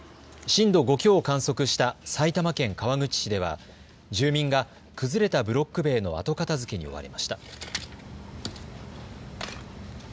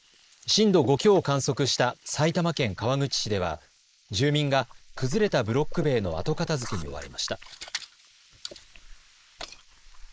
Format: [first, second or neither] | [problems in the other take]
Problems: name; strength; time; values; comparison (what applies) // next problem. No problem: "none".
first | noise reduction (neural mask model Resemble Enhance denoiser)